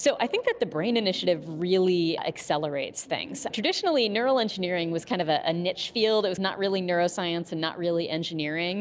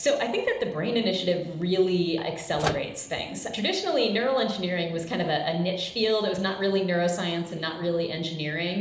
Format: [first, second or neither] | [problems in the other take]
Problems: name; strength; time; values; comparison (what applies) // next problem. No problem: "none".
first | background sound (Microwave oven); 8 dB below the speech // room echo; dies away in 0.9 s